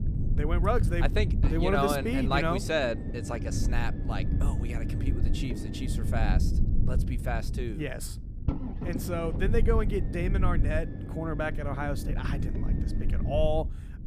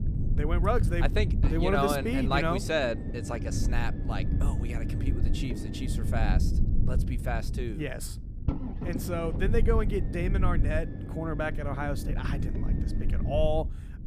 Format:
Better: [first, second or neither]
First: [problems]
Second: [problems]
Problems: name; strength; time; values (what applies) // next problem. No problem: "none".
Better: neither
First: low rumble; noticeable; throughout; 10 dB below the speech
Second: low rumble; noticeable; throughout; 10 dB below the speech